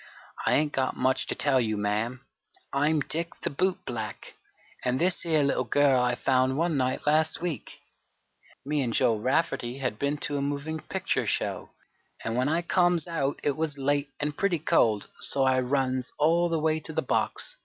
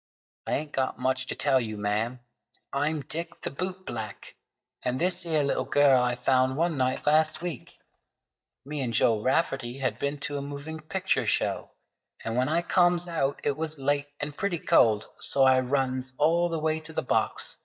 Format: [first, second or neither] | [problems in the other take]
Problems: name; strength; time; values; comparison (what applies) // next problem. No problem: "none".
first | noise reduction (neural mask model DeepFilterNet 3)